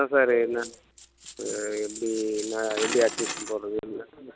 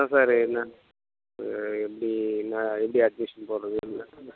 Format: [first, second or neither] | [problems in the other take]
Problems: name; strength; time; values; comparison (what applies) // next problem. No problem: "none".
second | background sound (Coin (dropping)); 10 dB below the speech